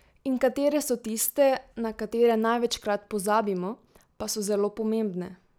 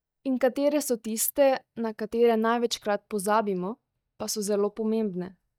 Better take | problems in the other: first | noise reduction (neural mask model DeepFilterNet 3)

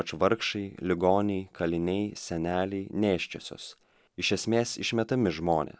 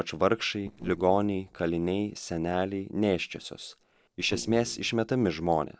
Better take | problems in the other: first | noise reduction (neural separator model SepFormer DNS4)

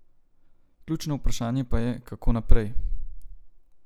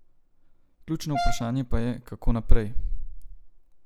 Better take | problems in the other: first | background sound (Brass instrument); 10 dB below the speech

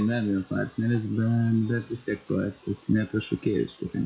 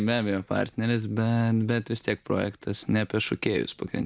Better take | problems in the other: second | noise reduction (classical method WPE with log-MMSE)

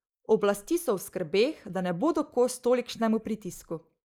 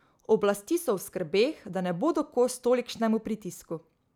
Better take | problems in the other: second | noise reduction (neural mask model Resemble Enhance denoiser)

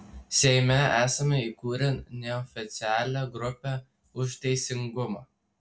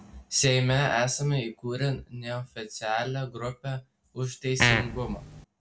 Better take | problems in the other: first | background sound (Fart); 3 dB above the speech

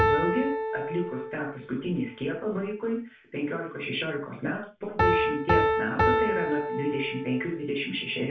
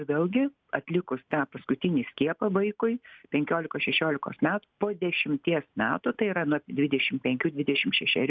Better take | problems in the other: second | background sound (Piano); 2 dB above the speech // room echo; dies away in 0.3 s

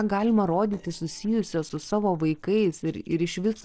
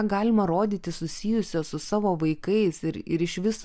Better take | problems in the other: second | noise reduction (neural separator model SepFormer DNS4)

